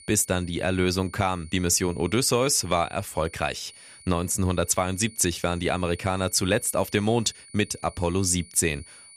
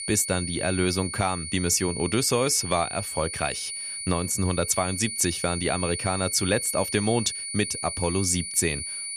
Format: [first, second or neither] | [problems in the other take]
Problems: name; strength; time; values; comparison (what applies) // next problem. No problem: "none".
first | high-pitched whine; loud; throughout; 9.5 kHz, 6 dB below the speech; faint in the first